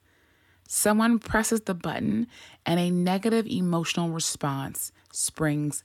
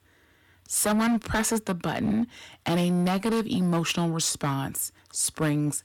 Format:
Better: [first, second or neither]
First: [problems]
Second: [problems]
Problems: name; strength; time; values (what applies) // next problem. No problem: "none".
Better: first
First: none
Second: distortion; slight; 13% of the sound clipped